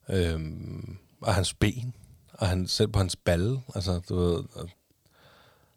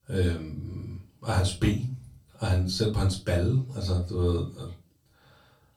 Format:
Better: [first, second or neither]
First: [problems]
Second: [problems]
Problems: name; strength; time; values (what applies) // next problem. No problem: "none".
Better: first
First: none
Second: off-mic speech; far // room echo; slight; dies away in 0.2 s